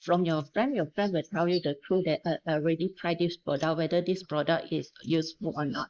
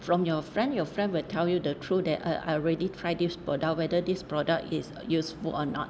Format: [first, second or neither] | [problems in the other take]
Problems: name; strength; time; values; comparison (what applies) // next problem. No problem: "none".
second | noise reduction (neural mask model Resemble Enhance denoiser)